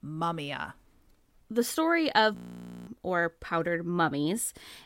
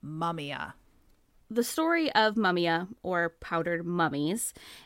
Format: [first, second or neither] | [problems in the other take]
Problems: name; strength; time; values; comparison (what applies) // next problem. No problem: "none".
second | audio freezing; at 2.5 s for 0.5 s